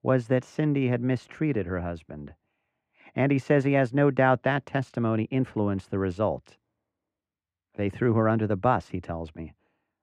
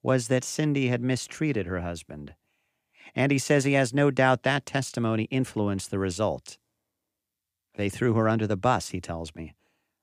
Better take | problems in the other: second | muffled; very; fading above 3.5 kHz

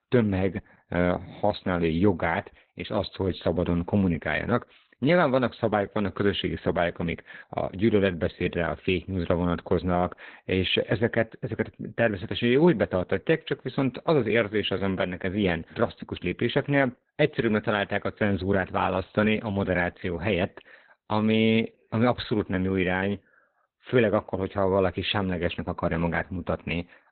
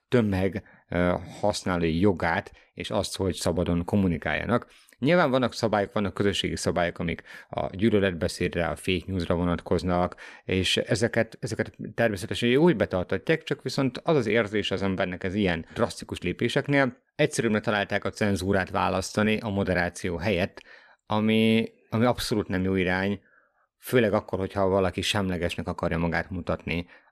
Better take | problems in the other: second | garbled, watery; badly; nothing above 4 kHz

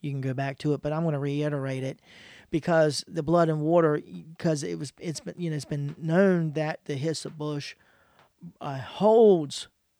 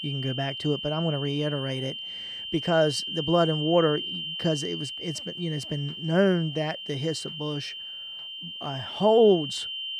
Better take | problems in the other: first | high-pitched whine; loud; throughout; 3 kHz, 6 dB below the speech

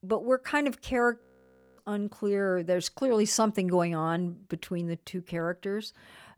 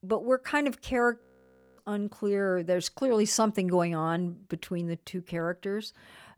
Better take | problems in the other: neither | audio freezing; at 1 s for 0.5 s; the same in both

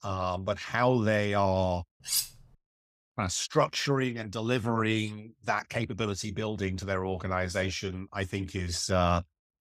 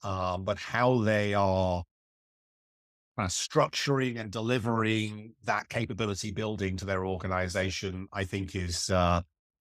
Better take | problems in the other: second | clattering dishes; loud; at 2 s; peak 1 dB above the speech

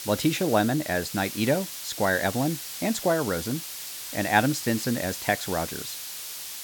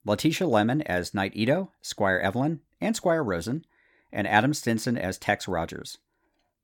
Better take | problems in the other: second | hiss; loud; throughout; 7 dB below the speech

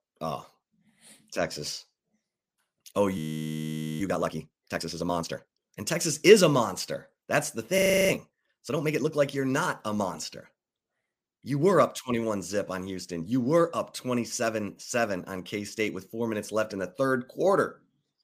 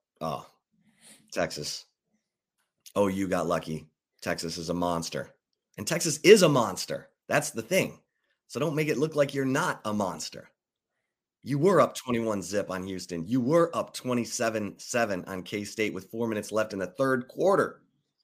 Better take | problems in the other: second | audio freezing; at 3 s for 1 s and at 8 s

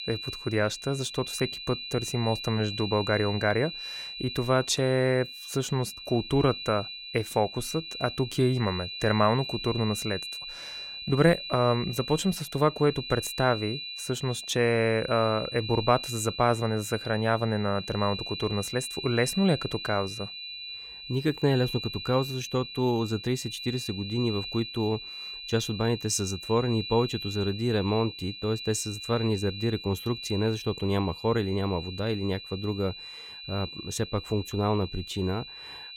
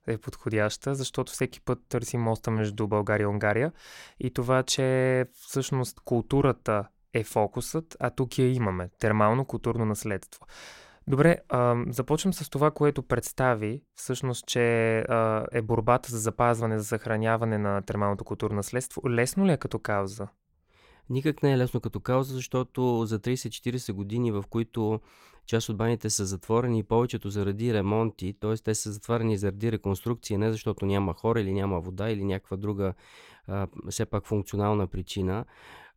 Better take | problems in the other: second | high-pitched whine; loud; throughout; 4 kHz, 9 dB below the speech

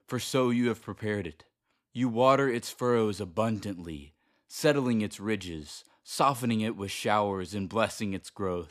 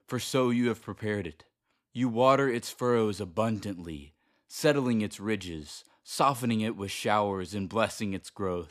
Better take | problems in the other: neither | none

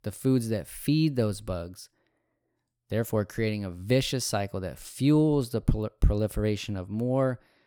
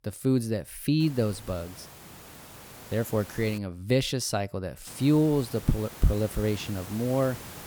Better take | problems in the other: first | hiss; noticeable; from 1 to 3.5 s and from 5 s on; 15 dB below the speech

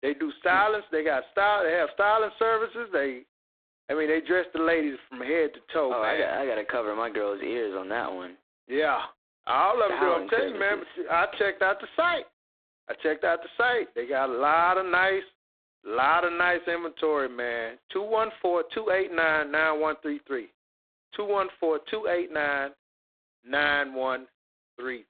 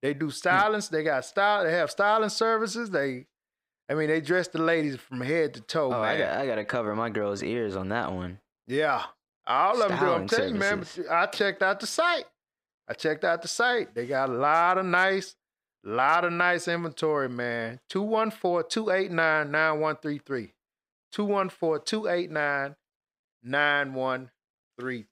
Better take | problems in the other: second | phone-call audio; poor line; nothing above 4 kHz

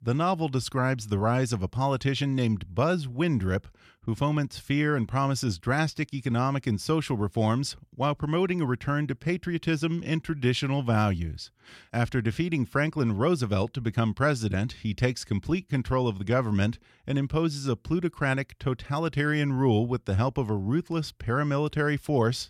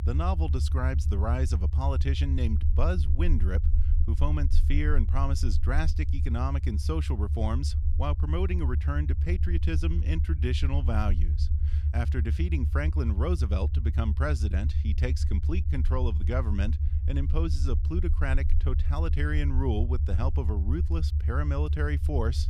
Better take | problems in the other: first | low rumble; loud; throughout; 9 dB below the speech

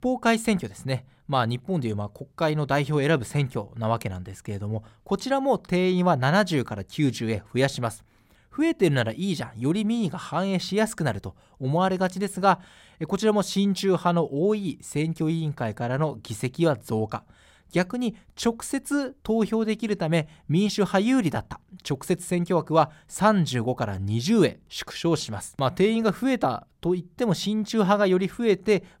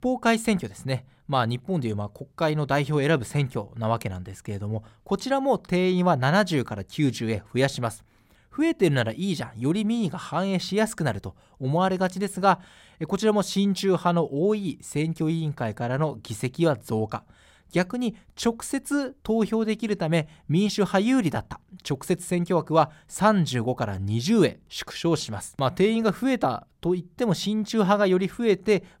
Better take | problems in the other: neither | none

